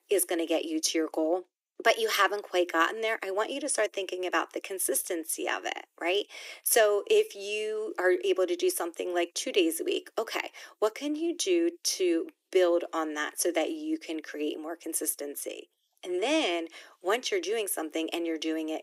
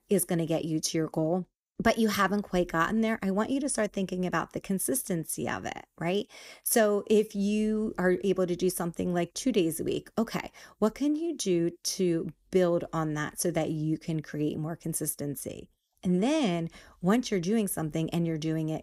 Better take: second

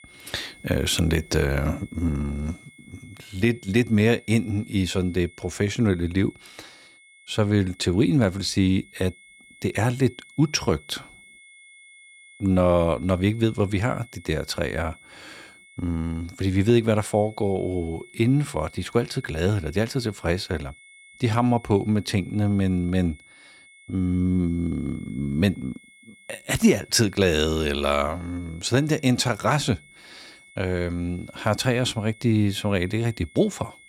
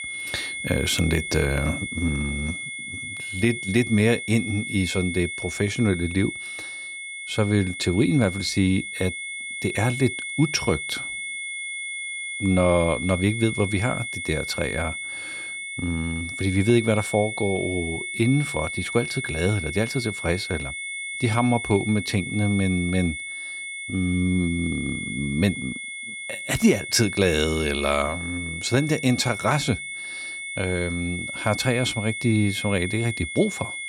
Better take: first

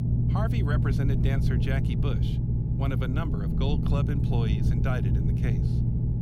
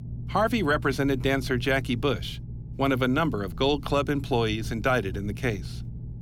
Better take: second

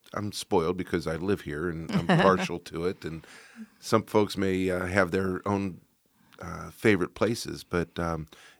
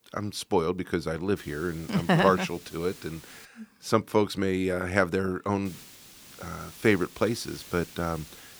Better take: first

